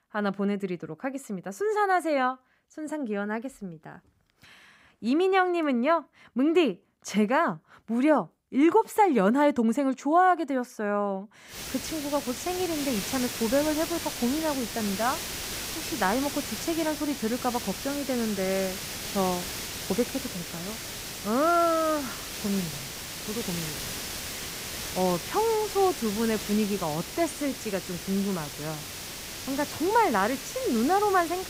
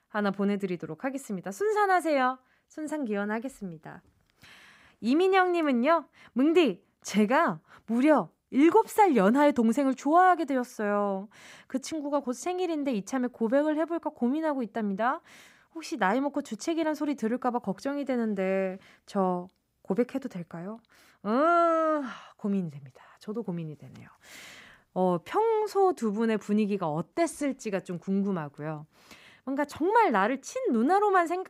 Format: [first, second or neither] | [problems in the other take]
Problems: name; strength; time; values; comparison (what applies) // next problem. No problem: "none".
second | hiss; loud; from 12 s on; 7 dB below the speech